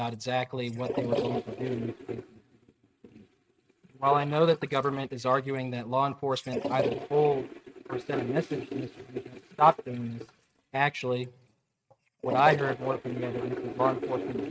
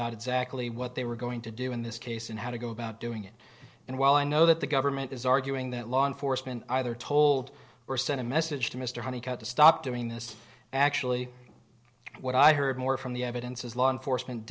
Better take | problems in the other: second | noise reduction (neural mask model RNNoise)

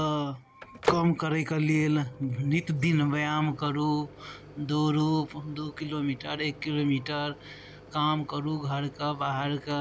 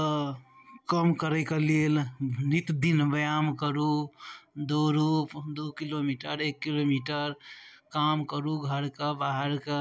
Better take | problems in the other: second | background sound (Microwave oven); 13 dB below the speech

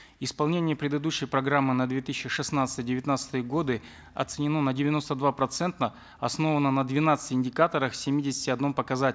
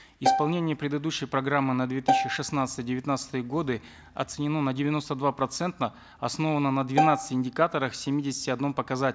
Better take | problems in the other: first | background sound (Bowed string instrument); as loud as the speech

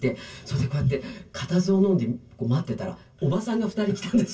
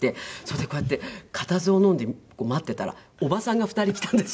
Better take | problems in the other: second | room echo; dies away in 0.1 s

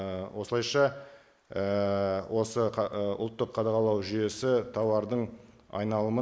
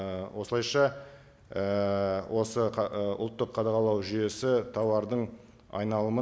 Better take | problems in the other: second | noise reduction (neural mask model Resemble Enhance denoiser)

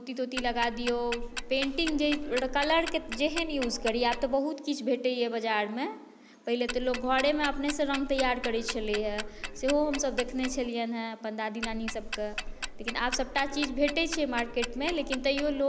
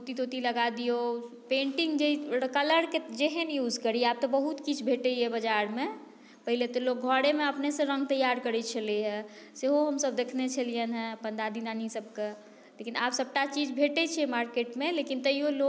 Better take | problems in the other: second | background sound (Tick-tock); 7 dB below the speech

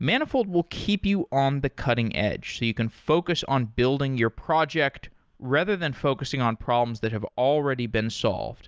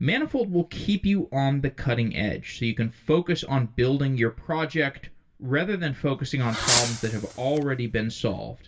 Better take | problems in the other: first | background sound (Fireworks); 5 dB below the speech // room echo; dies away in 0.1 s

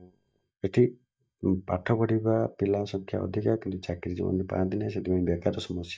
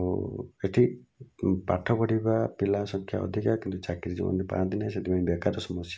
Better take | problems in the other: second | noise reduction (neural mask model DeepFilterNet 3)

